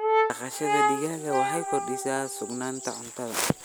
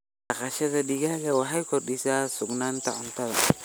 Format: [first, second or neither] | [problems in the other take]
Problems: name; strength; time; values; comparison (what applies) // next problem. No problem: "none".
second | background sound (Brass instrument); 2 dB above the speech